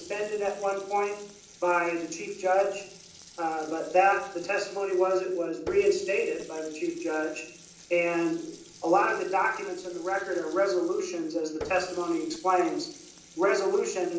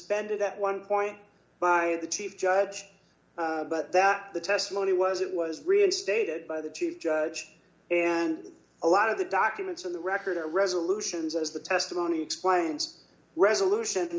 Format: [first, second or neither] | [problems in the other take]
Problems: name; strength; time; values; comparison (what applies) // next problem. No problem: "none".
second | background sound (Water tap, faucet); 20 dB below the speech // room echo; dies away in 0.6 s